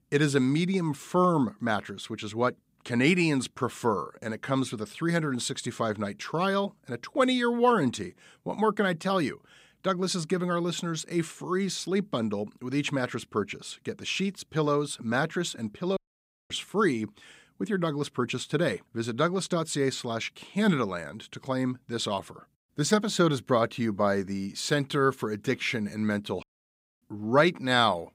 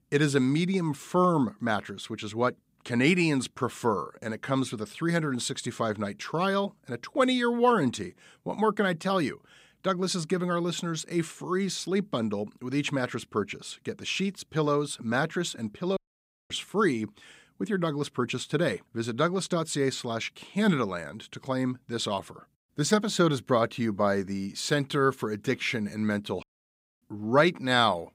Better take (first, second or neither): neither